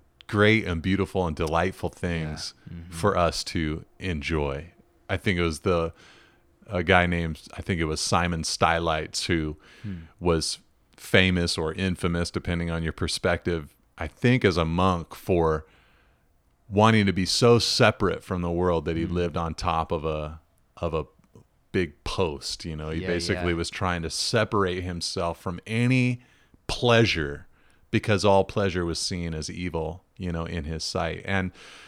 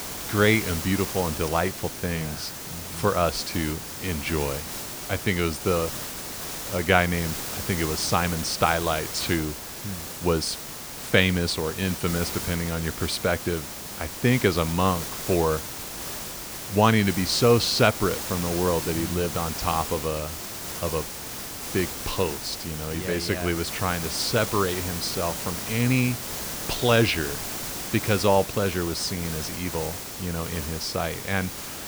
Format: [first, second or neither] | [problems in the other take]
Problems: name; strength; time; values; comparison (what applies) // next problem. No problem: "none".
first | hiss; loud; throughout; 6 dB below the speech